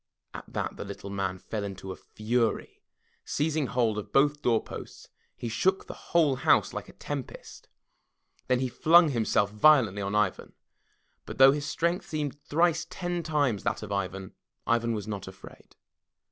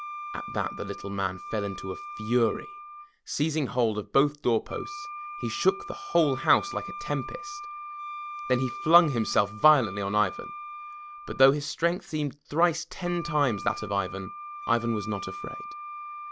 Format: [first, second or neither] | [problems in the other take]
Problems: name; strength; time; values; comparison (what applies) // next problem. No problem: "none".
first | background sound (Wind instrument, woodwind instrument); 11 dB below the speech